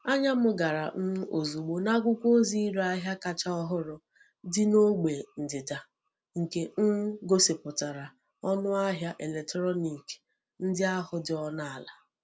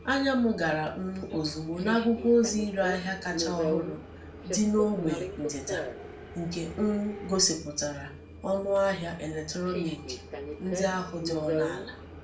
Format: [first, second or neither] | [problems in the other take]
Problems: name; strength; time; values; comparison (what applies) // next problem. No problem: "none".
first | background sound (Subway, metro, underground); 8 dB below the speech // room echo; dies away in 0.4 s